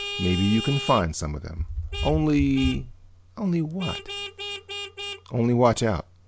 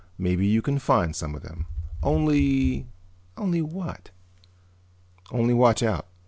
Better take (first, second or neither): second